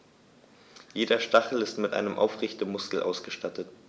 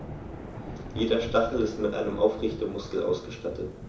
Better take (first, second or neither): first